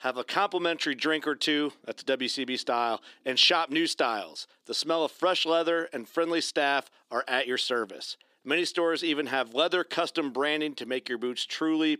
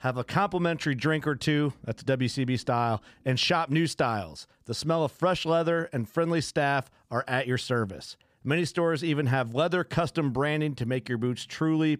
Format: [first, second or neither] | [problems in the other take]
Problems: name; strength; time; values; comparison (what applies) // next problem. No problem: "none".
second | thin; somewhat; fading below 300 Hz